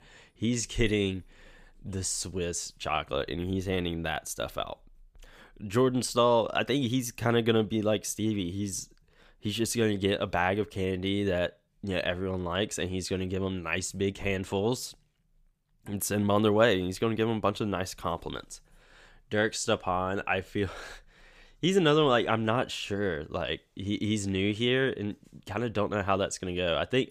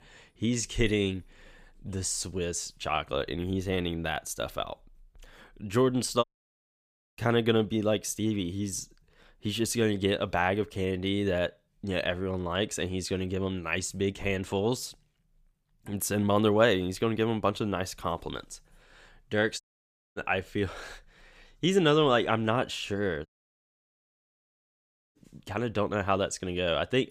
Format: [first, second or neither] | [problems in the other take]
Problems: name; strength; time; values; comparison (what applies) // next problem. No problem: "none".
first | audio cutting out; at 6 s for 1 s, at 20 s for 0.5 s and at 23 s for 2 s